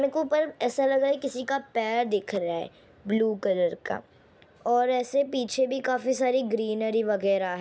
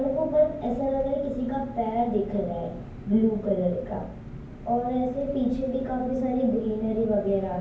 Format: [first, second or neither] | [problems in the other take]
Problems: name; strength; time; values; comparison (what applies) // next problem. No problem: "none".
first | background sound (Engine); 13 dB below the speech // room echo; dies away in 0.9 s